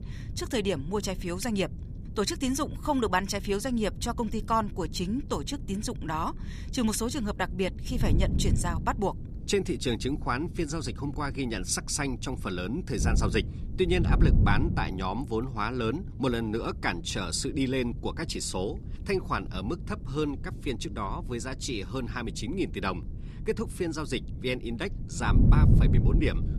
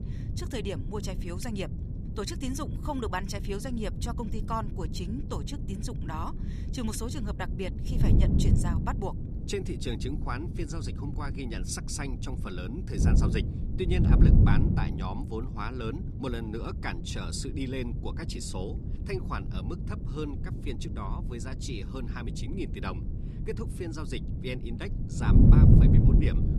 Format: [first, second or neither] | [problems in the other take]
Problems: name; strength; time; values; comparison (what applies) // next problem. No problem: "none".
first | wind noise on the microphone; heavy; 3 dB below the speech; occasional gusts in the first